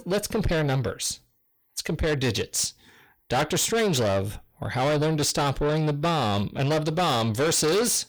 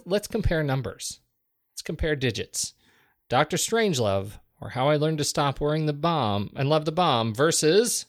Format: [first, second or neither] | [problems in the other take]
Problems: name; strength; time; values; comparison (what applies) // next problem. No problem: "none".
second | distortion; heavy; 7 dB below the speech